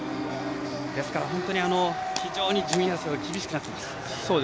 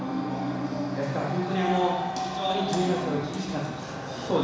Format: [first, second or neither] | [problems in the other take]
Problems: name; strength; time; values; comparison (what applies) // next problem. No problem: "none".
first | room echo; dies away in 1.1 s